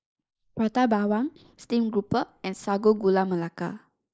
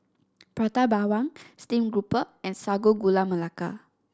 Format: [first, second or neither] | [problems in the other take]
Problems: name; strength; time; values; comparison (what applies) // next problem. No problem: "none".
second | noise reduction (neural mask model Resemble Enhance denoiser)